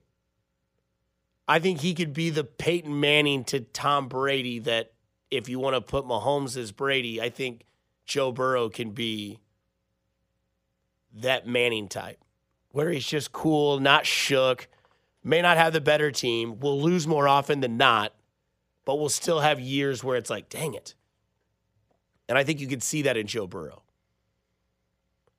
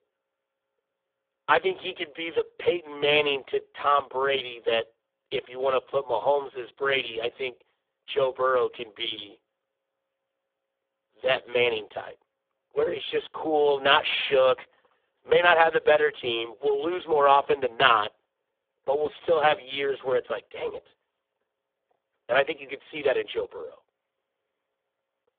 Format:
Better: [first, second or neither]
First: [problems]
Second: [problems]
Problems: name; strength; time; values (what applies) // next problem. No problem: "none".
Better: first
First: none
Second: phone-call audio; poor line; nothing above 3.5 kHz